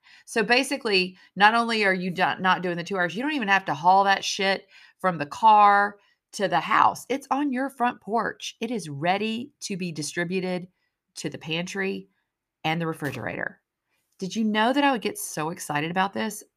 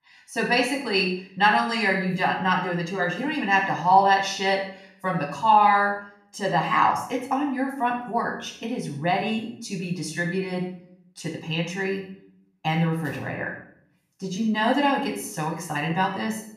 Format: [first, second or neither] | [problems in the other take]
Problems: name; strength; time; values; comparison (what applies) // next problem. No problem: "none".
first | off-mic speech; far // room echo; noticeable; dies away in 0.5 s